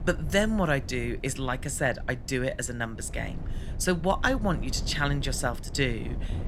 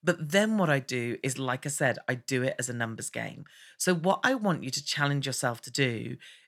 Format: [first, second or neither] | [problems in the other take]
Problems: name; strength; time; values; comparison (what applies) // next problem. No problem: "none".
second | wind noise on the microphone; occasional gusts; 20 dB below the speech